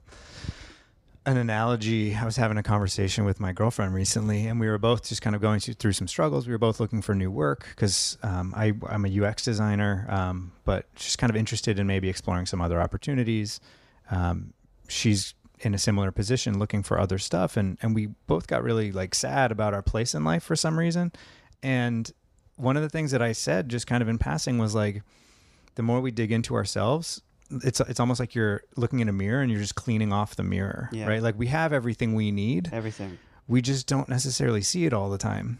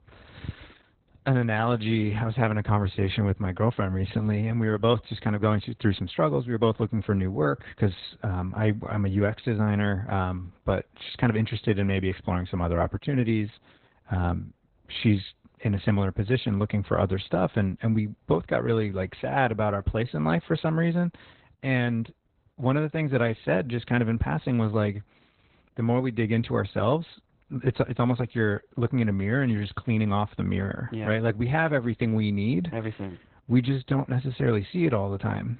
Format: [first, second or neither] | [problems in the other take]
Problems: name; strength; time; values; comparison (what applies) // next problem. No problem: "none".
first | garbled, watery; badly; nothing above 4 kHz